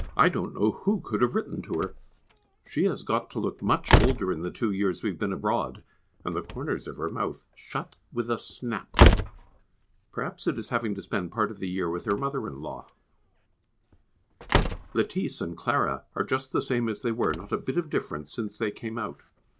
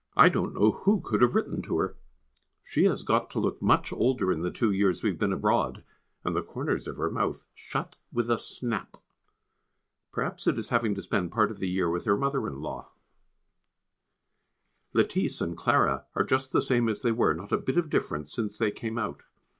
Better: second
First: background sound (Slam); 2 dB below the speech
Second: none

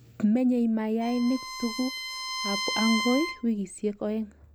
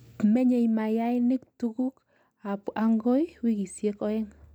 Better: second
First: background sound (Bowed string instrument); 7 dB below the speech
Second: none

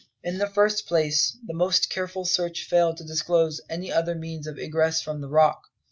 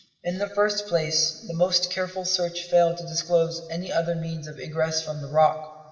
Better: first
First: none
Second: room echo; dies away in 1.9 s

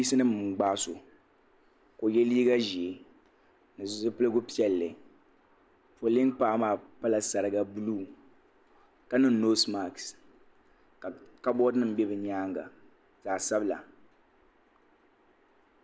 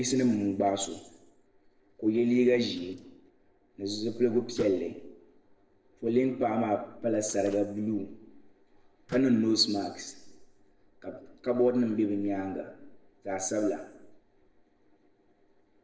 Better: first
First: none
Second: noise reduction (neural separator model SepFormer DNS4)

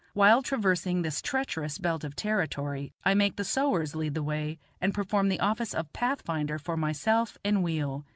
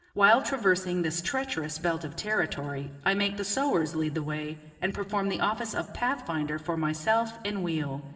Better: first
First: none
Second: room echo; dies away in 2.2 s

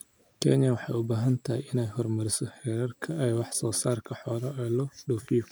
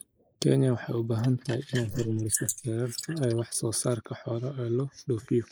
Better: first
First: none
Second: noise reduction (neural mask model Resemble Enhance denoiser)

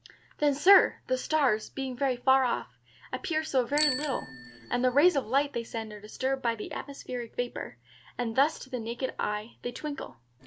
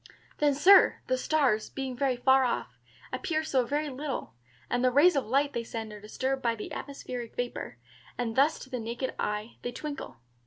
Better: second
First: background sound (Bicycle bell); 14 dB below the speech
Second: none

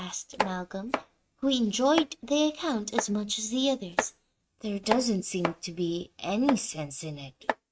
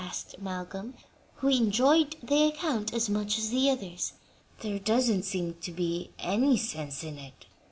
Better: second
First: noise reduction (neural mask model RNNoise)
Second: none

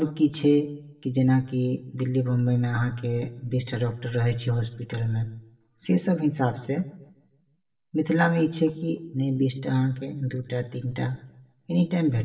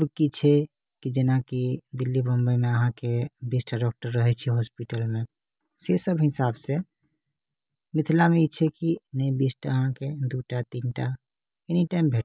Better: second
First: room echo; dies away in 0.8 s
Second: none

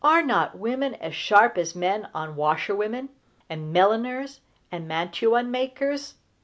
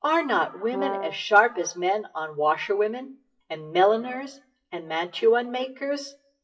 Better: first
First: none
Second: noise reduction (classical method WPE with log-MMSE)

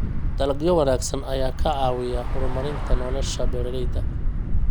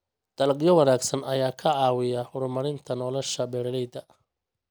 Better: second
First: background sound (Traffic noise, roadway noise / Bus); 3 dB above the speech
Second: none

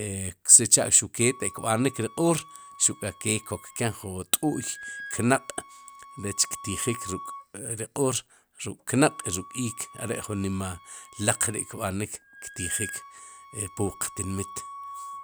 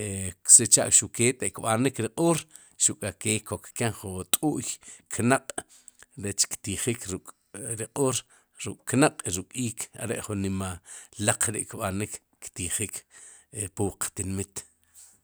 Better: second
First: background sound (Wind instrument, woodwind instrument); 17 dB below the speech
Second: none

